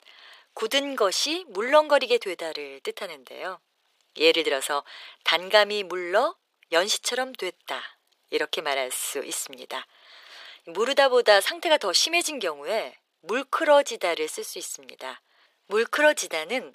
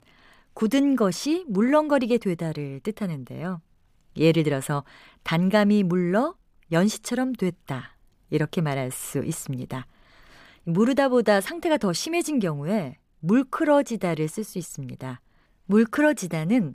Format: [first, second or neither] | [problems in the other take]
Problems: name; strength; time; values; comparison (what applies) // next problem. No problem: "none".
second | thin; very; fading below 450 Hz